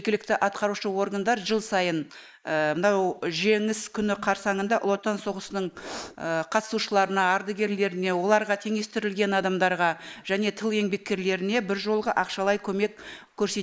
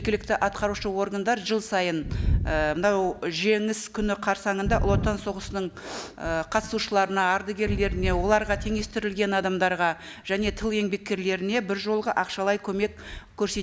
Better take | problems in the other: second | noise reduction (neural mask model Resemble Enhance denoiser)

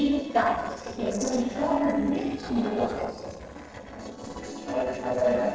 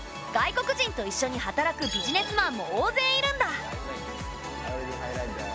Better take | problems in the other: second | noise reduction (neural separator model SepFormer DNS4)

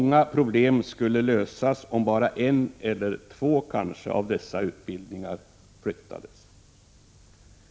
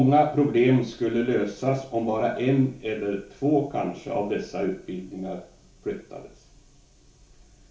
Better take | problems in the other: first | room echo; dies away in 0.3 s

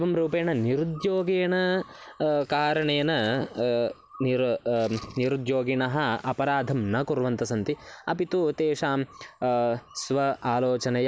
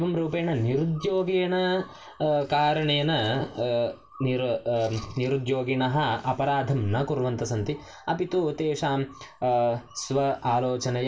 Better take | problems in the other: first | room echo; dies away in 0.3 s

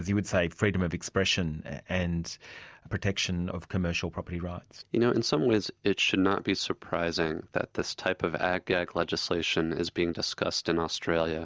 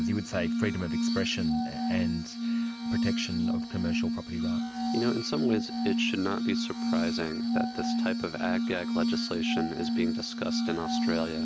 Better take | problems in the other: first | background sound (Glass); 4 dB above the speech

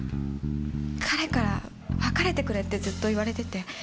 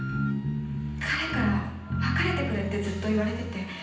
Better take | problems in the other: first | background sound (Wind instrument, woodwind instrument); 16 dB below the speech // room echo; dies away in 0.9 s

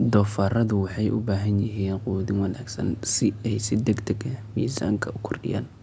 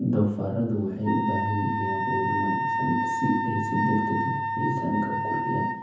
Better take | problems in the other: first | background sound (Wind instrument, woodwind instrument); 1 dB below the speech // room echo; dies away in 0.7 s

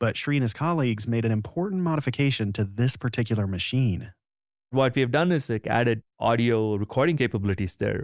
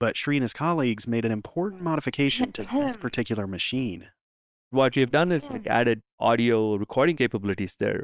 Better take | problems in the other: first | noise reduction (neural separator model SepFormer WHAM!)

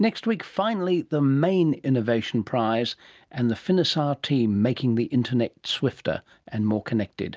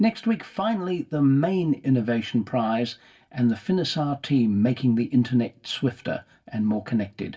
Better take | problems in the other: first | room echo; dies away in 0.2 s

